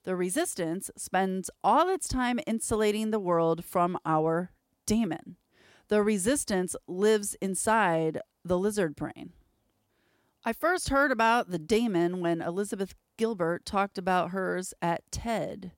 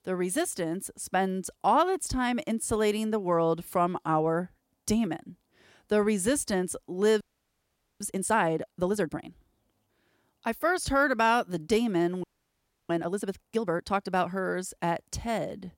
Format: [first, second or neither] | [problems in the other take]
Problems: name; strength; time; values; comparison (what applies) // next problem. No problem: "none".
first | audio freezing; at 7 s for 1 s and at 12 s for 0.5 s